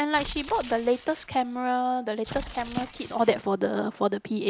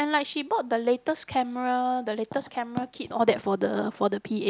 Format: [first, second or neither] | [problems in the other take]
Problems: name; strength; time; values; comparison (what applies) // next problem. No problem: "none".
second | background sound (Tearing); 16 dB below the speech